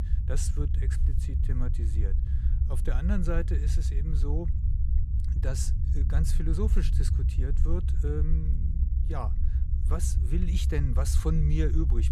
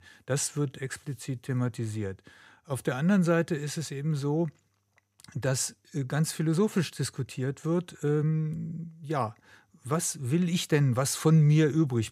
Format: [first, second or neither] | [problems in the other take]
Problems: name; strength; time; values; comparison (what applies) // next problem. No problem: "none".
second | low rumble; loud; throughout; 7 dB below the speech